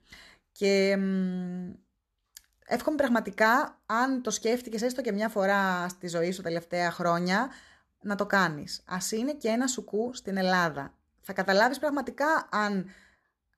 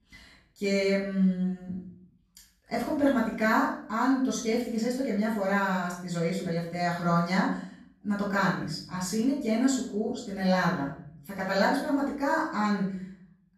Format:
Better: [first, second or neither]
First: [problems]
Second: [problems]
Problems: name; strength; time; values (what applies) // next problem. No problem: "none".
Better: first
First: none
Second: off-mic speech; far // room echo; noticeable; dies away in 0.6 s